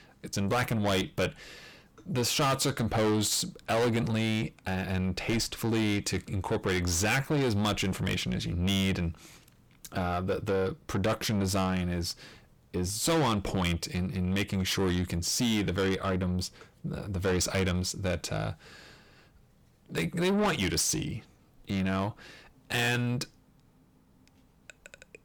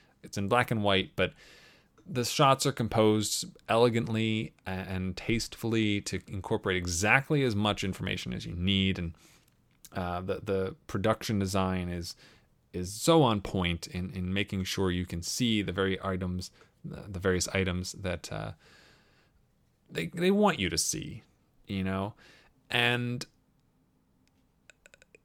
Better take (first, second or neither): second